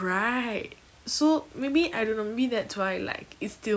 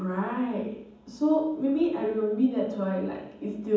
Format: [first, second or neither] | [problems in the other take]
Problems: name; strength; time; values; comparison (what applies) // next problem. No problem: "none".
first | room echo; dies away in 1.2 s